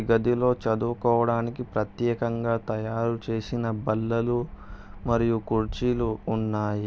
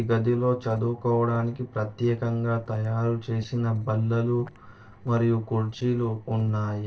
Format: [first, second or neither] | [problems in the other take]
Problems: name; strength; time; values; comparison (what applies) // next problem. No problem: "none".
first | noise reduction (neural separator model SepFormer DNS4)